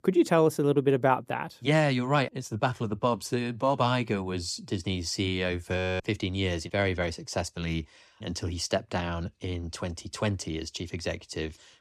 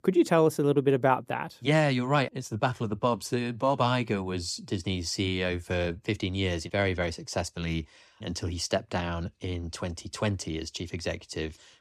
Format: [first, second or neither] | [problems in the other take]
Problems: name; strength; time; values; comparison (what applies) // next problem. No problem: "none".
second | audio freezing; at 6 s